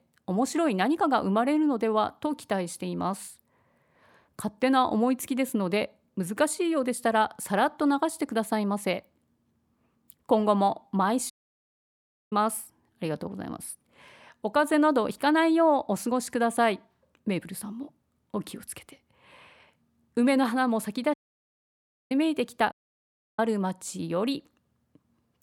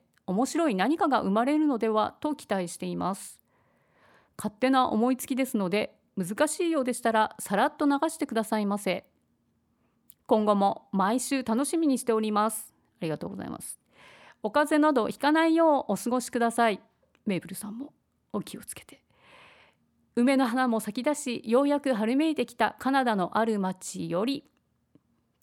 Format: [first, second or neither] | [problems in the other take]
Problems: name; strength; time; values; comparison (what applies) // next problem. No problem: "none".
second | audio cutting out; at 11 s for 1 s, at 21 s for 1 s and at 23 s for 0.5 s